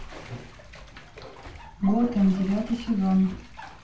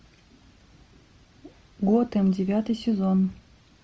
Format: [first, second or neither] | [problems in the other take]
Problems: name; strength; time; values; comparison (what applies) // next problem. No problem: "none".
second | background sound (Bathtub (filling or washing)); 17 dB below the speech // room echo; dies away in 0.3 s